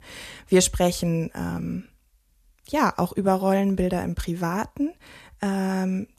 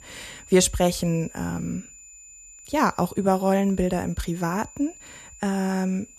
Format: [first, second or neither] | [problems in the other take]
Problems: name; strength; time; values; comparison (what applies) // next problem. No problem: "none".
first | high-pitched whine; faint; throughout; 7 kHz, 20 dB below the speech